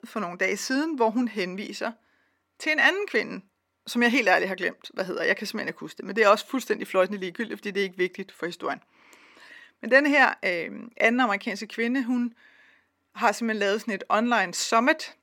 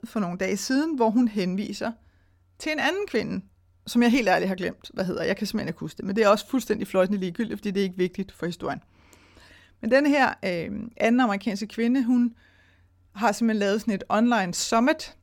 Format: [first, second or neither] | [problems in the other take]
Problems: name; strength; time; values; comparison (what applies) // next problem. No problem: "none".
second | thin; very slightly; fading below 300 Hz